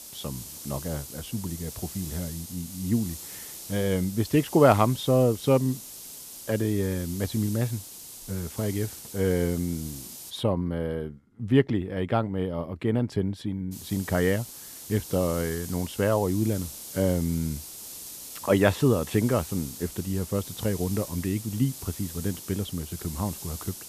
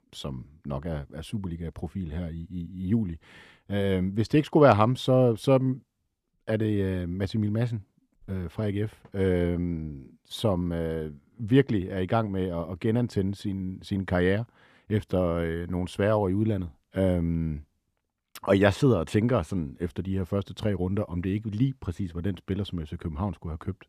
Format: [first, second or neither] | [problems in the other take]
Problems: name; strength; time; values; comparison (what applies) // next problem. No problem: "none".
second | hiss; noticeable; until 10 s and from 14 s on; 10 dB below the speech